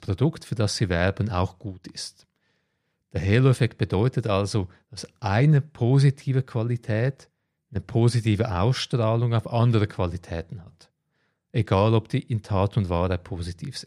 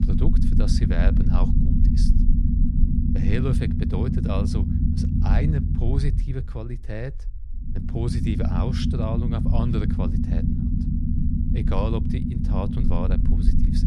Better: first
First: none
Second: low rumble; loud; throughout; 1 dB below the speech

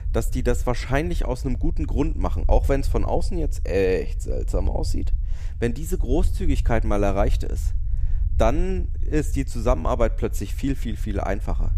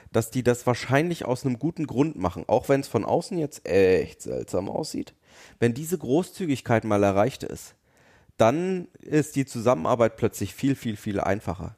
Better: second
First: low rumble; faint; throughout; 20 dB below the speech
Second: none

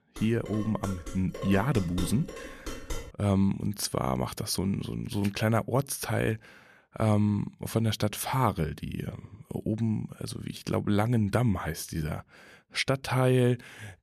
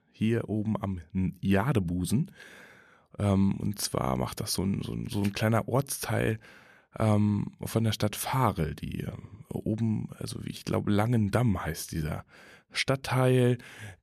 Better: second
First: clattering dishes; noticeable; until 3 s; peak 8 dB below the speech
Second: none

